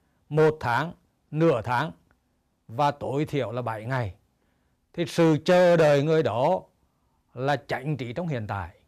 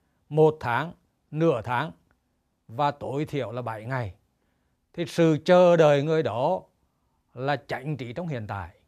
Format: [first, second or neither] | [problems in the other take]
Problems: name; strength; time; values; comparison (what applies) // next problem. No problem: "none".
second | distortion; slight; 4% of the sound clipped